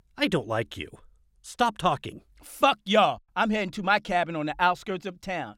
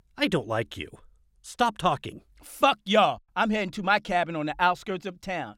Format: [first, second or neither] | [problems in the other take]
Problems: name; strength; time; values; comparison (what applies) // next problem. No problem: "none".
neither | none